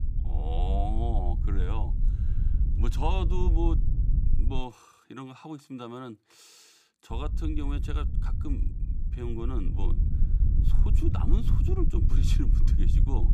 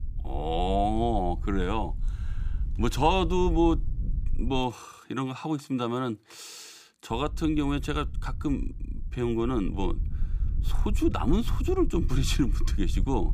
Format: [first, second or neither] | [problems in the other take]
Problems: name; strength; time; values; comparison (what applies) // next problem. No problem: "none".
second | wind noise on the microphone; heavy; until 4.5 s and from 7 s on; 7 dB below the speech; occasional gusts in the second